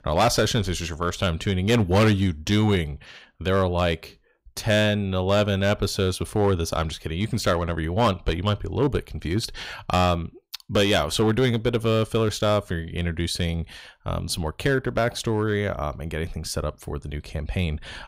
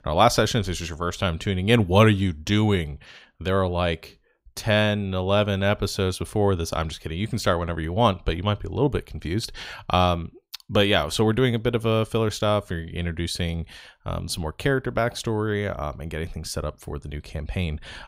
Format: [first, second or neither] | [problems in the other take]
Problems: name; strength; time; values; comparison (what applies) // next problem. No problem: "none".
second | distortion; slight; 4% of the sound clipped